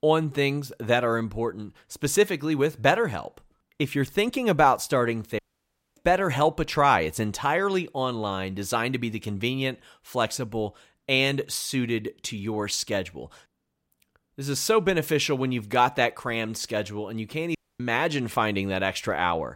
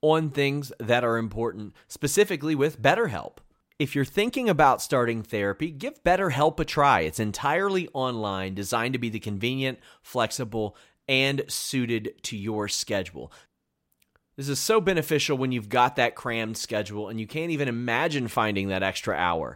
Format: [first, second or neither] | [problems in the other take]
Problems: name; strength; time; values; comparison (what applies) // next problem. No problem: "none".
second | audio cutting out; at 5.5 s for 0.5 s and at 18 s